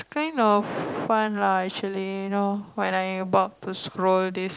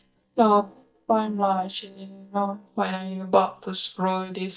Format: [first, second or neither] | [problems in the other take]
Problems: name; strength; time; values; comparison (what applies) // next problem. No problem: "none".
first | noise reduction (neural mask model DeepFilterNet 3)